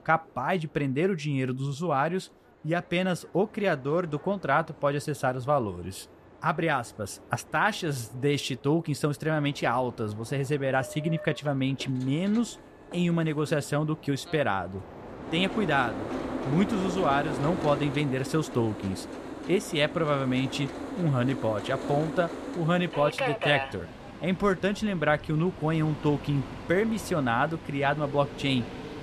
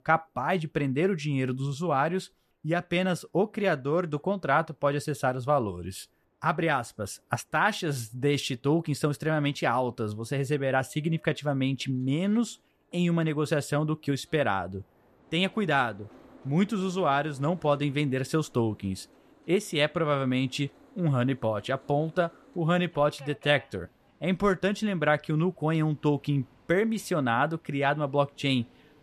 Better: second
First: train or aircraft noise; loud; throughout; 9 dB below the speech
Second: train or aircraft noise; faint; throughout; 30 dB below the speech

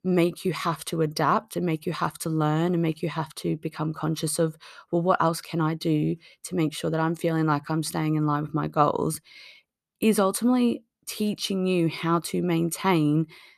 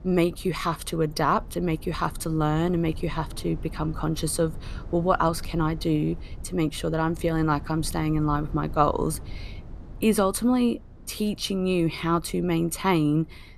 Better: first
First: none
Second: low rumble; faint; throughout; 25 dB below the speech

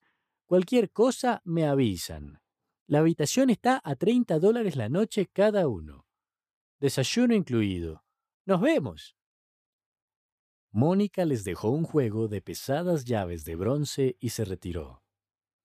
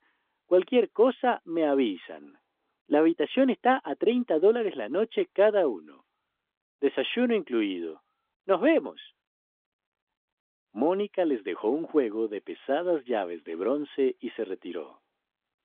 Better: first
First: none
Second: phone-call audio; nothing above 3.5 kHz

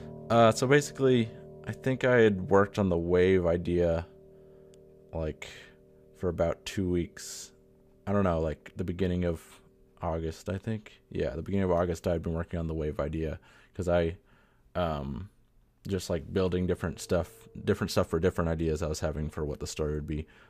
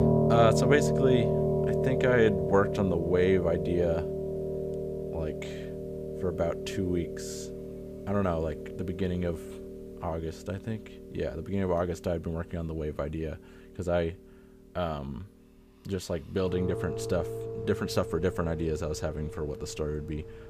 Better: first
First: background music; faint; throughout; 25 dB below the speech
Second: background music; loud; throughout; 2 dB below the speech

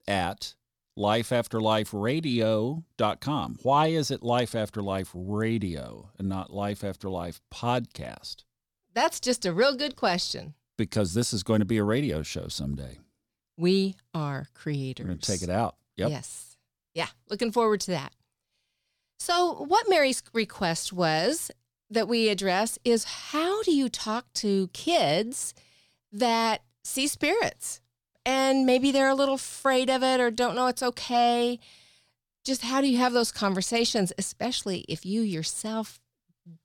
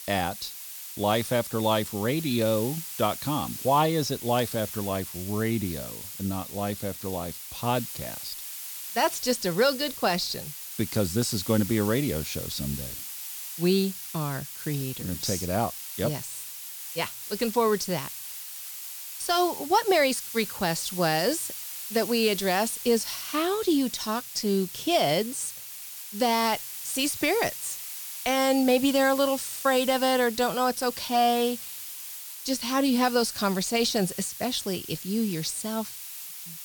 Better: first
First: none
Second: hiss; loud; throughout; 9 dB below the speech

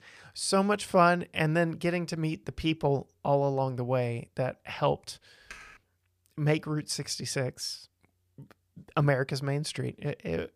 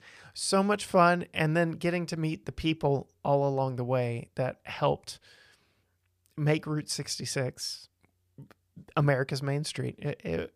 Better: second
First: keyboard typing; faint; at 5.5 s; peak 20 dB below the speech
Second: none

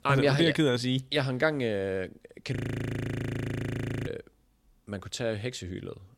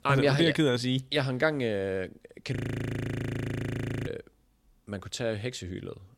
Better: neither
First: audio freezing; at 2.5 s for 1.5 s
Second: audio freezing; at 2.5 s for 1.5 s

